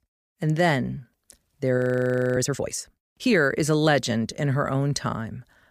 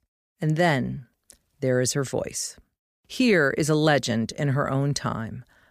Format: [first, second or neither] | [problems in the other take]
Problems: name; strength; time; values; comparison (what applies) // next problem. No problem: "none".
second | audio freezing; at 2 s for 0.5 s